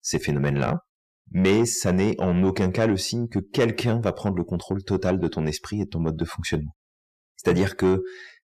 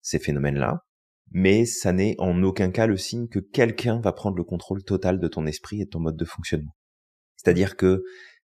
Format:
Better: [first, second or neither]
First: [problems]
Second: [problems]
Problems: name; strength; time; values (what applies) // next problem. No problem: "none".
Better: second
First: distortion; slight; 10 dB below the speech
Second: none